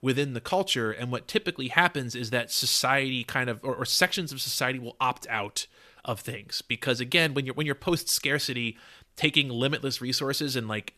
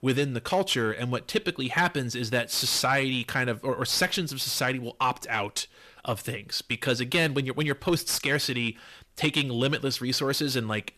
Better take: first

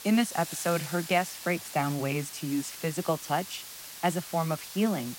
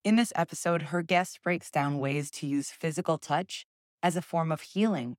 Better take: second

